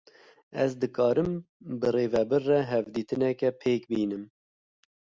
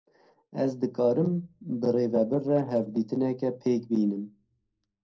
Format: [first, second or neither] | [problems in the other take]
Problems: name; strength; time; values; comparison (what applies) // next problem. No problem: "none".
first | noise reduction (neural separator model SepFormer DNS4)